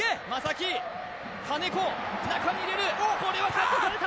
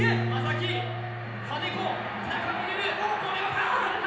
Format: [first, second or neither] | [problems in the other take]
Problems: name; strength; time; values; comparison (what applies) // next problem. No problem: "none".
first | background sound (Piano); 5 dB below the speech // room echo; dies away in 0.9 s